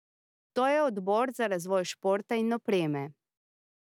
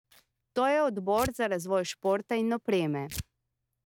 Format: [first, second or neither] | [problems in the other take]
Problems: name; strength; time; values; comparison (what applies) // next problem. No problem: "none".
first | background sound (Tearing); 17 dB below the speech